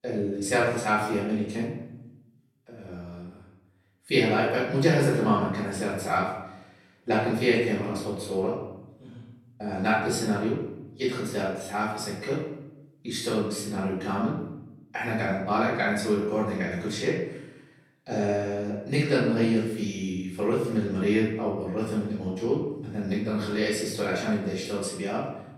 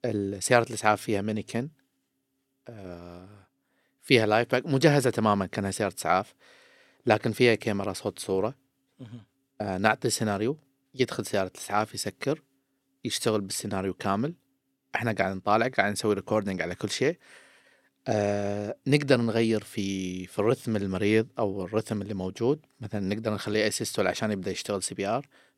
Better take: second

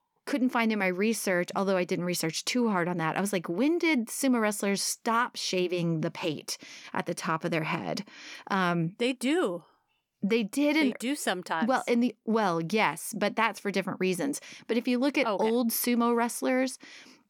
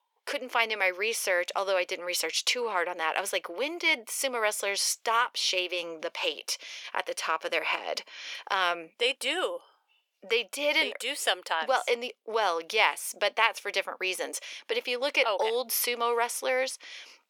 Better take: first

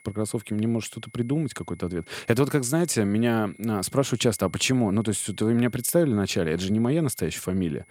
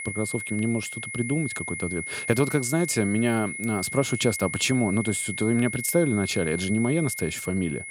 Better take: first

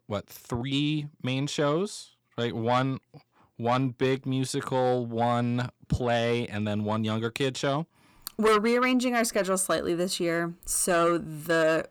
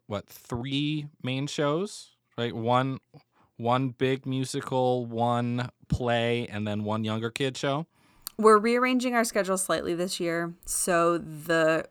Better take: second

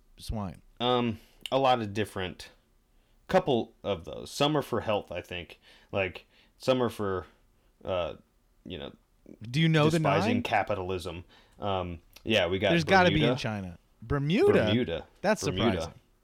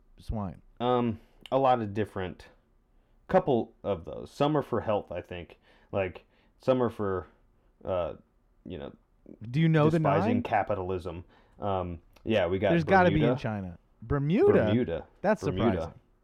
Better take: first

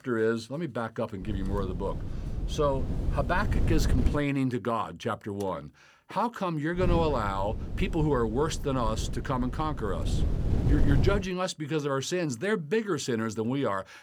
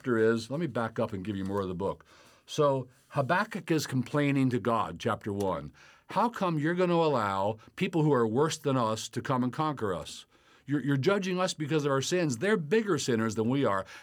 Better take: second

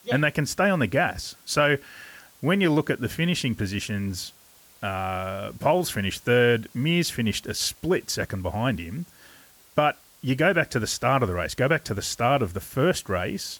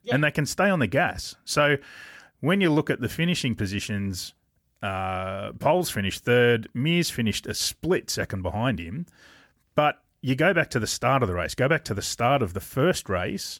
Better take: second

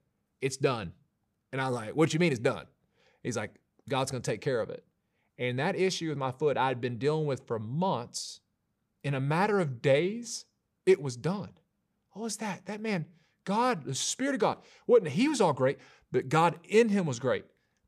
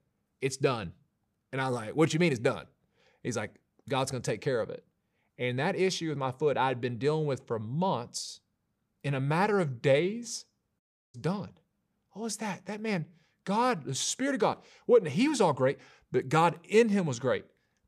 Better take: first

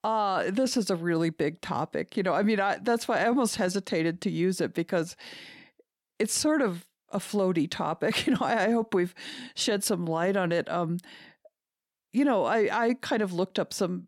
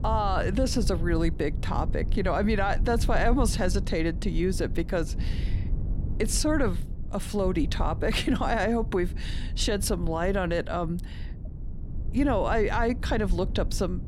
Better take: first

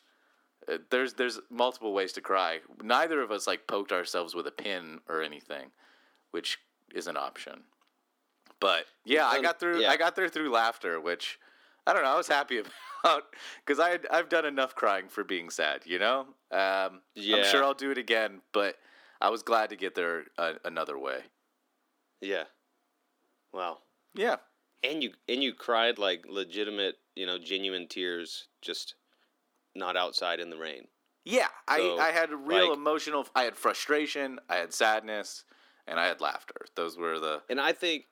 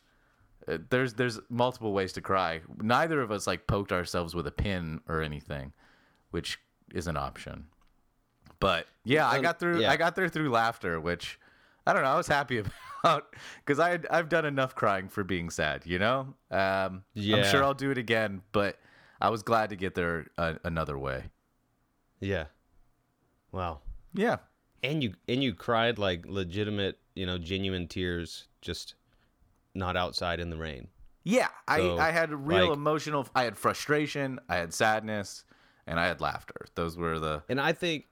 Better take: second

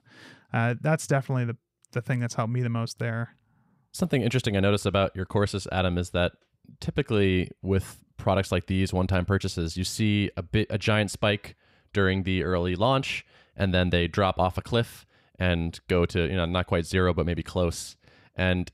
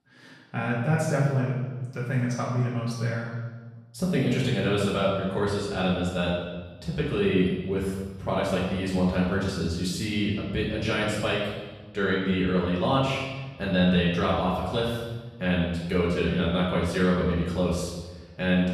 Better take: first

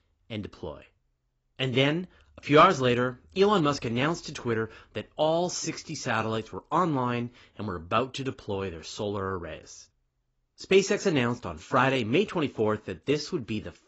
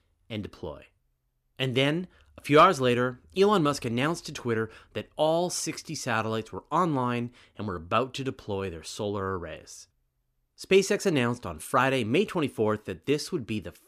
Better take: second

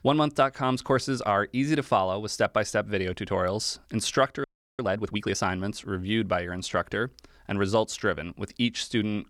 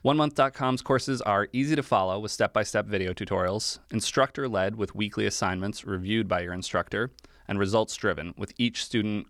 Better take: second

